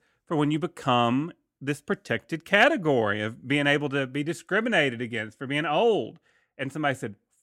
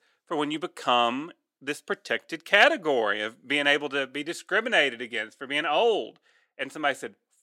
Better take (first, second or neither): first